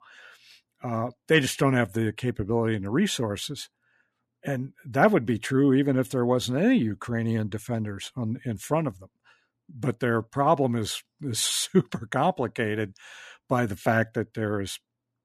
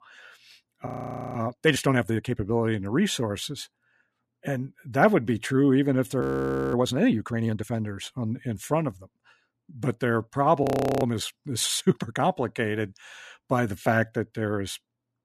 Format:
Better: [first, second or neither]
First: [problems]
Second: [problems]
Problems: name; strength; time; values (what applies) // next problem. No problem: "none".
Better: first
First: none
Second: audio freezing; at 1 s, at 6 s for 0.5 s and at 11 s